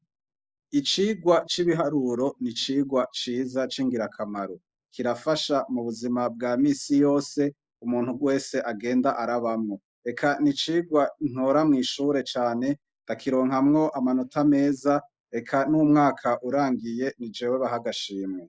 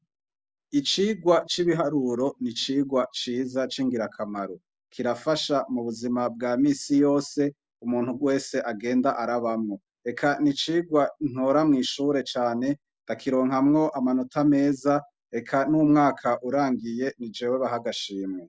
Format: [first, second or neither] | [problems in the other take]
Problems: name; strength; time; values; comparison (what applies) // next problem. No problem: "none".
second | noise reduction (neural mask model Resemble Enhance denoiser)